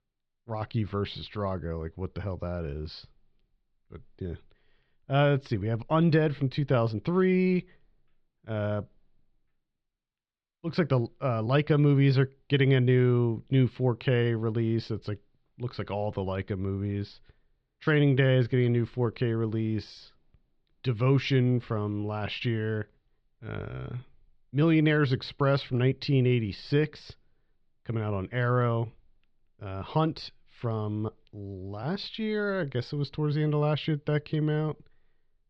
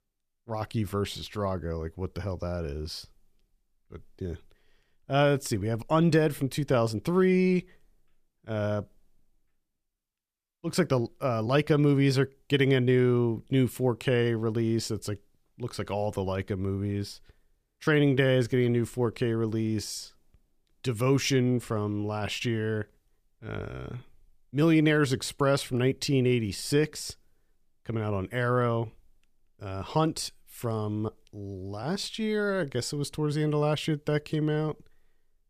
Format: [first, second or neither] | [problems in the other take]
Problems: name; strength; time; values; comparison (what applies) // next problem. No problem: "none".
second | muffled; very slightly; fading above 4 kHz